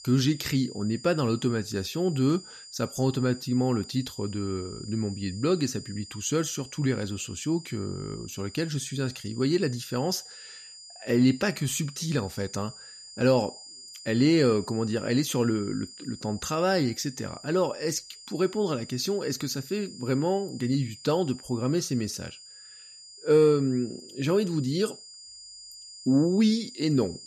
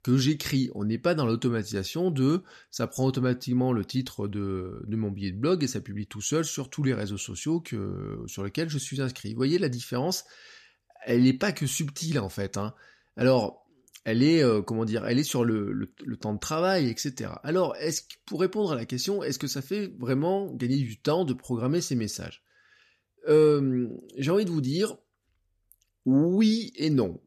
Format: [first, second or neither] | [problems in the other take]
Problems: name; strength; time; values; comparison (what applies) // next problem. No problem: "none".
second | high-pitched whine; noticeable; throughout; 5 kHz, 15 dB below the speech